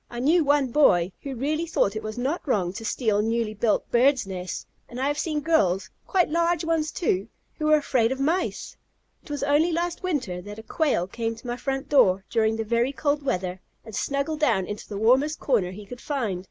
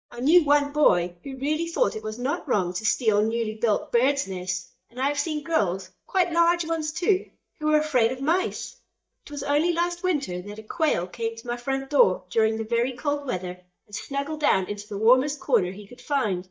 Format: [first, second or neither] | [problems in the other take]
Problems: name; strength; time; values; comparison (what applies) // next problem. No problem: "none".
first | noise reduction (neural mask model DeepFilterNet 3)